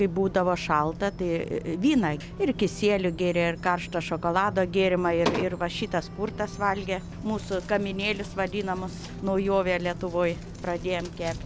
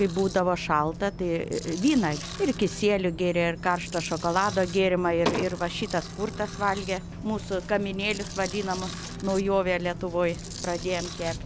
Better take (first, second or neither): first